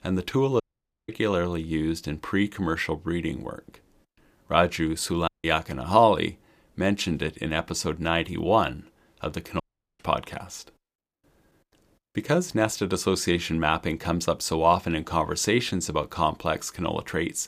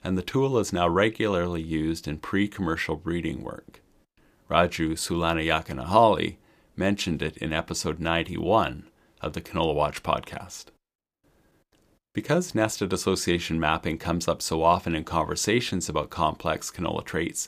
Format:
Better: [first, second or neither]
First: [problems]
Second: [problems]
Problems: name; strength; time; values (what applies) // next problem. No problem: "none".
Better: second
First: audio cutting out; at 0.5 s, at 5.5 s and at 9.5 s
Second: none